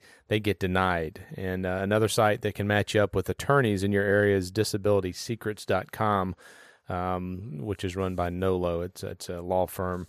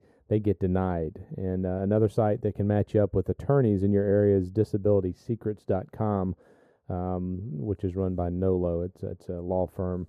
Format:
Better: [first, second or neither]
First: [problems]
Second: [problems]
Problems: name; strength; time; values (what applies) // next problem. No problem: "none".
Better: first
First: none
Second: muffled; very; fading above 1 kHz